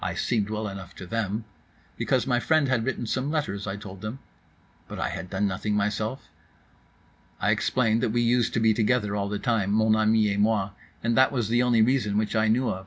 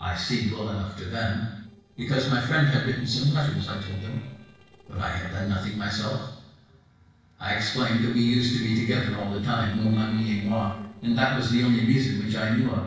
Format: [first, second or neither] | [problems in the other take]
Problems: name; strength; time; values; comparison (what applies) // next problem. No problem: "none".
first | noise reduction (neural separator model SepFormer DNS4)